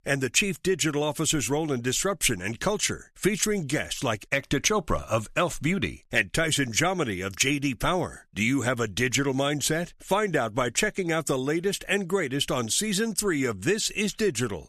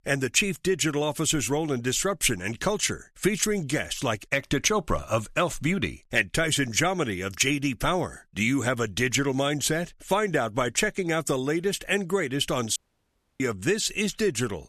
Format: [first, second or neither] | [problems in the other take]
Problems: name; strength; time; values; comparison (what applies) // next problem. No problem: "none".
first | audio cutting out; at 13 s for 0.5 s